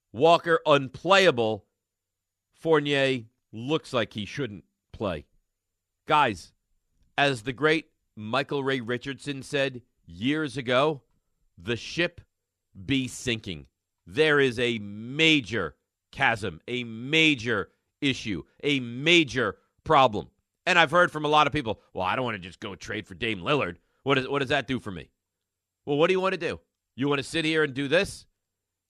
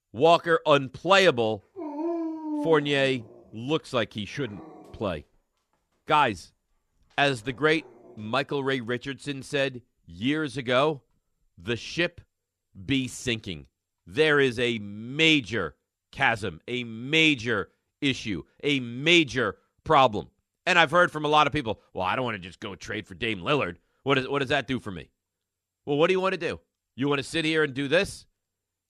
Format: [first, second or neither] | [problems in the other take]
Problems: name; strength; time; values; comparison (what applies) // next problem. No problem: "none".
first | dog barking; noticeable; from 2 to 8 s; peak 5 dB below the speech